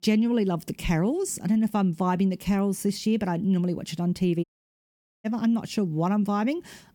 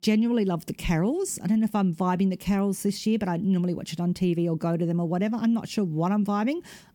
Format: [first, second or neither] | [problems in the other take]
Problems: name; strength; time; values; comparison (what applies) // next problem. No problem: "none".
second | audio cutting out; at 4.5 s for 1 s